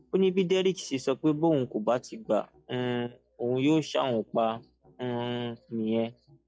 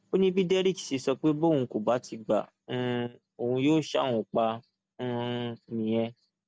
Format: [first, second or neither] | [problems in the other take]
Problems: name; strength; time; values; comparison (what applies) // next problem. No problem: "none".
second | noise reduction (classical method log-MMSE)